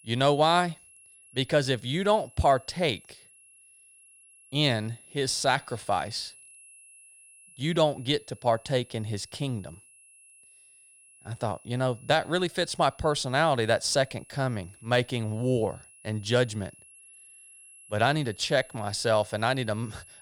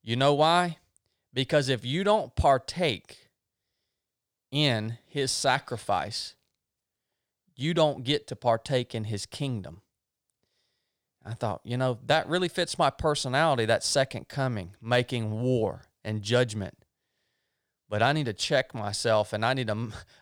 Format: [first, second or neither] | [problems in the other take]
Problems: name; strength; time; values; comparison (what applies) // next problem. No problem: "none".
second | high-pitched whine; faint; throughout; 11 kHz, 25 dB below the speech